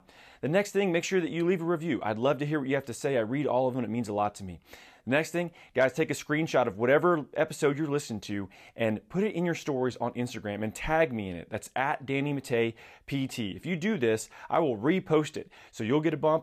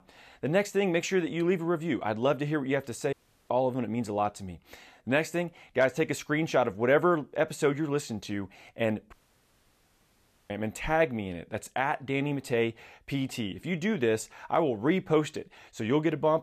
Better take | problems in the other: first | audio cutting out; at 3 s and at 9 s for 1.5 s

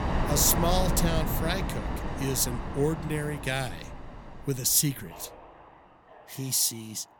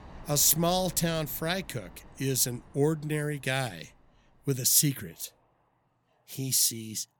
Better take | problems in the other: second | train or aircraft noise; loud; throughout; 5 dB below the speech; faint in the second

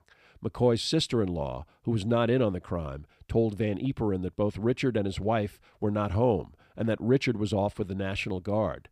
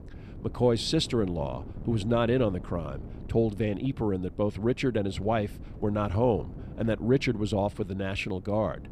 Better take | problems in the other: first | wind noise on the microphone; occasional gusts; 20 dB below the speech

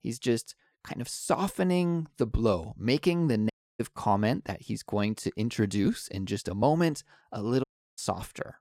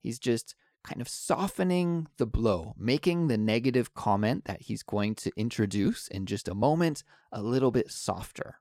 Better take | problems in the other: second | audio cutting out; at 3.5 s and at 7.5 s

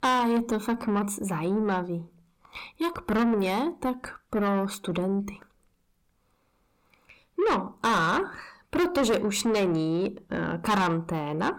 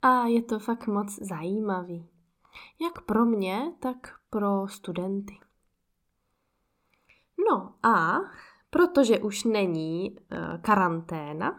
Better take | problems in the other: second | distortion; heavy; 7 dB below the speech

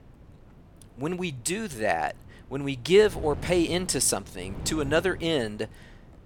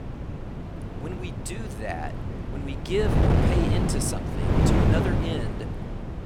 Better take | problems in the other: first | wind noise on the microphone; heavy; 1 dB above the speech; occasional gusts in the first

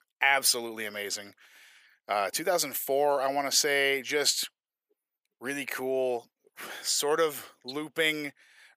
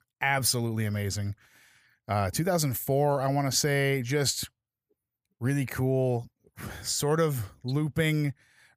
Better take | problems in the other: second | thin; very; fading below 350 Hz

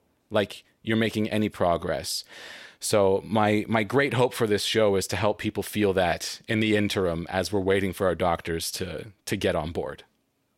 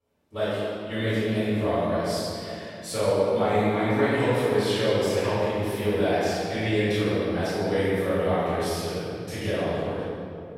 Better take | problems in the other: first | off-mic speech; far // room echo; strong; dies away in 2.4 s

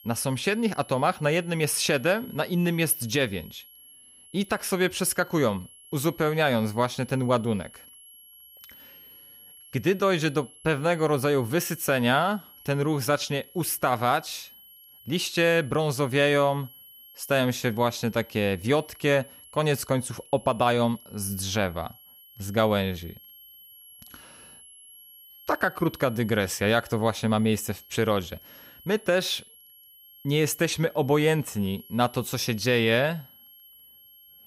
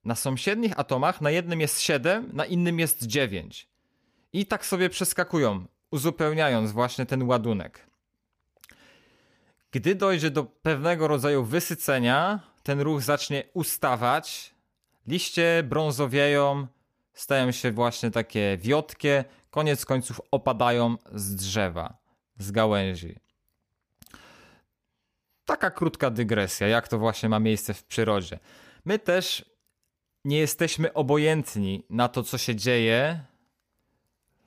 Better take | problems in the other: second | high-pitched whine; faint; throughout; 11.5 kHz, 20 dB below the speech

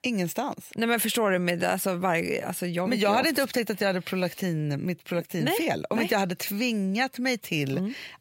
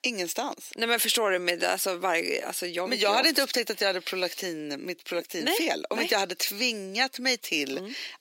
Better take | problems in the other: first | thin; somewhat; fading below 300 Hz

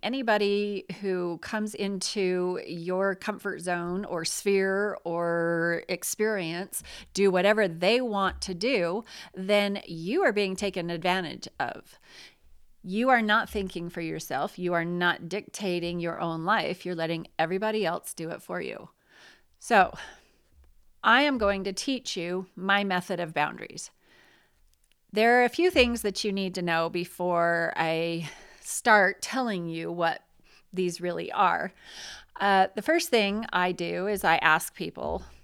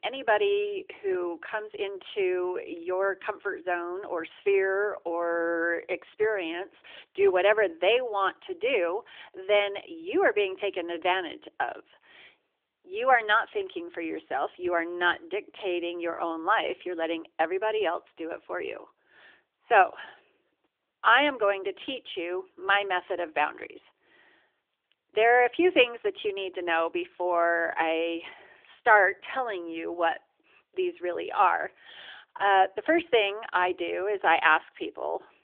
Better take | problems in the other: first | phone-call audio; nothing above 3.5 kHz

